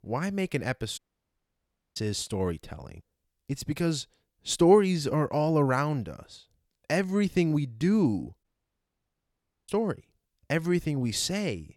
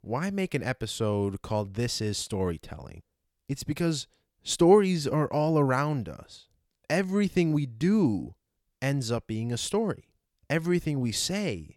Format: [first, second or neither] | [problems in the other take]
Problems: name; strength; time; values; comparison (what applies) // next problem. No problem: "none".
second | audio cutting out; at 1 s for 1 s and at 8.5 s for 1 s